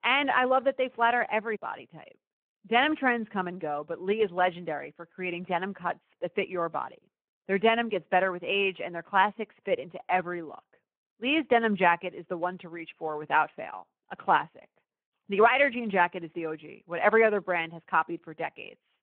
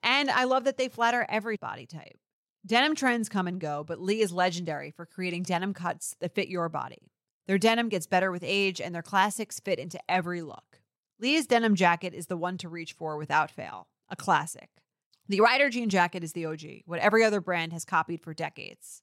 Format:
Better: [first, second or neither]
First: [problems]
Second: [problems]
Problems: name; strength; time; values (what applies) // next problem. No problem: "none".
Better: second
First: phone-call audio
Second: none